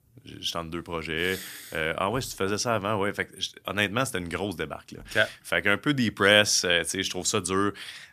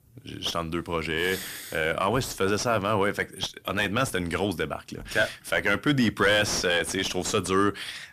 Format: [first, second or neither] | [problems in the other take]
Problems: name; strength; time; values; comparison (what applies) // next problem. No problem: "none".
first | distortion; heavy; 6 dB below the speech